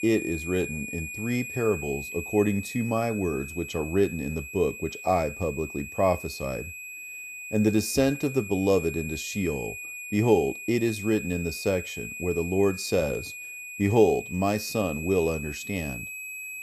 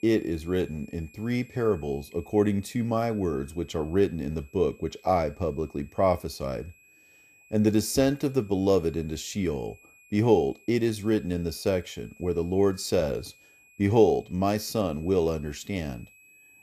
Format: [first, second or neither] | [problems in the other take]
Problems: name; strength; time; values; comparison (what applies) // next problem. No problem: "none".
second | high-pitched whine; loud; throughout; 2.5 kHz, 9 dB below the speech; faint in the second